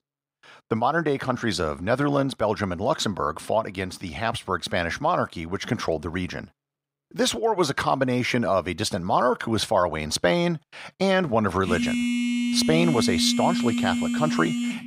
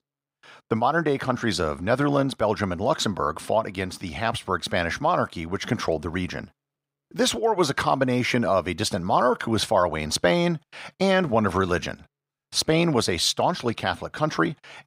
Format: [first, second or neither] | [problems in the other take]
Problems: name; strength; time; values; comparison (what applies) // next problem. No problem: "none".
second | phone ringing; loud; from 12 s on; peak level with the speech